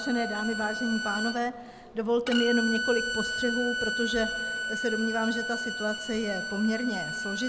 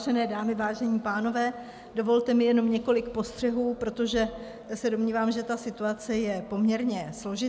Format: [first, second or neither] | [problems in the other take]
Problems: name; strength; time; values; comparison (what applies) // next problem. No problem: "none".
second | background sound (Bowed string instrument); 3 dB below the speech